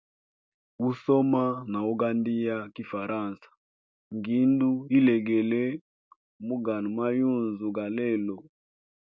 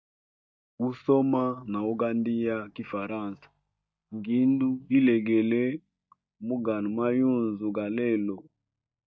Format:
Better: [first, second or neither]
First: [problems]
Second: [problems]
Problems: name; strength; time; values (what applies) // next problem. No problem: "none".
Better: first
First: none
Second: noise reduction (neural mask model DeepFilterNet 3)